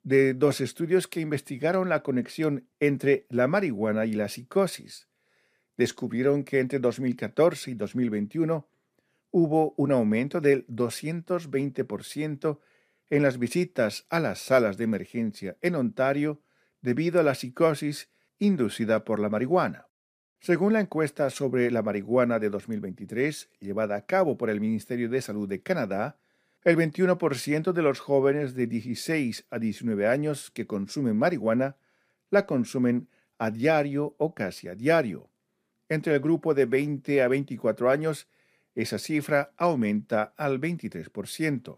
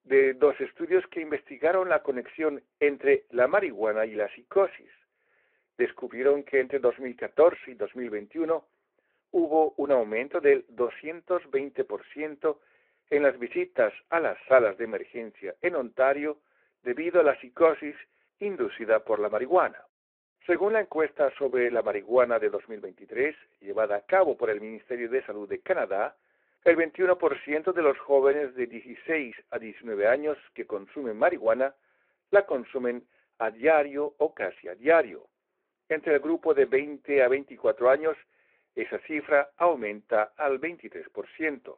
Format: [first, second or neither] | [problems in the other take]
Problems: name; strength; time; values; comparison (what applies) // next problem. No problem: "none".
first | phone-call audio